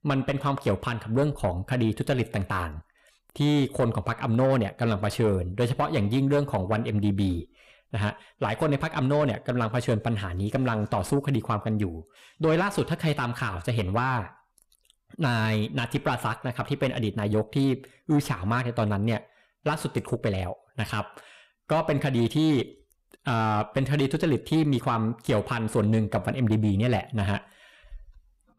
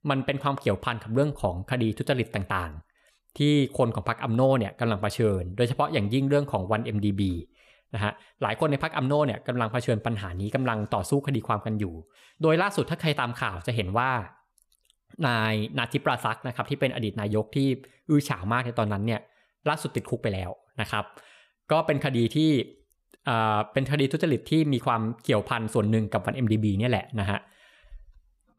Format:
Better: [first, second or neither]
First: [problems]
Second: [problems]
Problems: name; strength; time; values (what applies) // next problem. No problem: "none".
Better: second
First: distortion; slight; 10 dB below the speech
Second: none